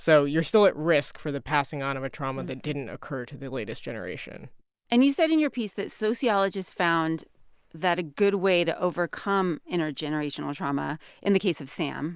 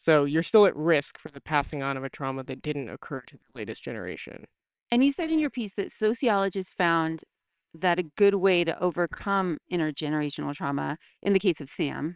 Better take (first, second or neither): first